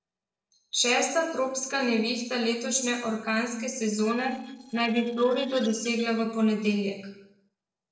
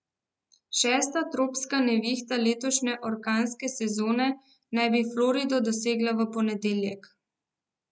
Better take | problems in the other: second | noise reduction (neural separator model SepFormer DNS4)

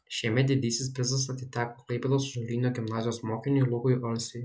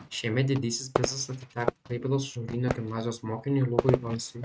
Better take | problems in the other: first | noise reduction (neural mask model RNNoise)

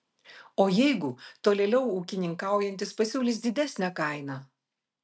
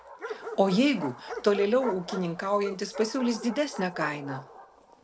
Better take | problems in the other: first | background sound (Bark); 12 dB below the speech

